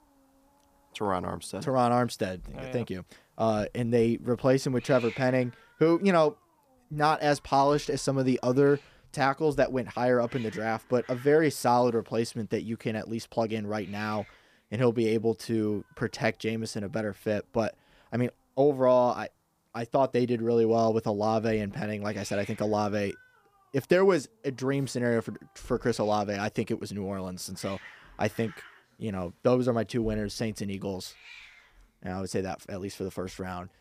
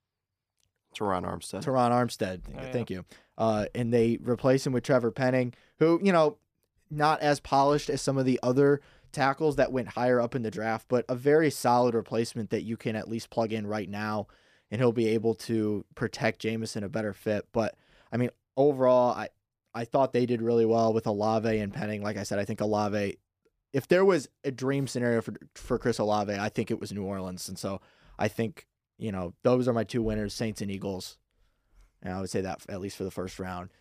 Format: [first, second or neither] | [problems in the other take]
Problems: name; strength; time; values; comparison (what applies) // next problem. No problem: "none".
second | hiss; faint; throughout; 20 dB below the speech